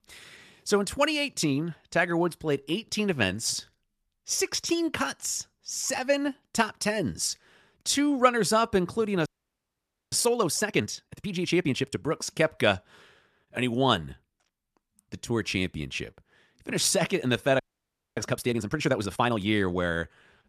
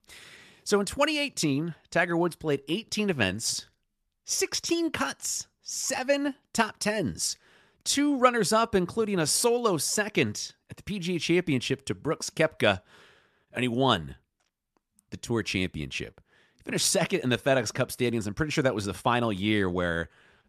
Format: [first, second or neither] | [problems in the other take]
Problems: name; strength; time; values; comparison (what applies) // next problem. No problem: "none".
second | audio freezing; at 9.5 s for 1 s and at 18 s for 0.5 s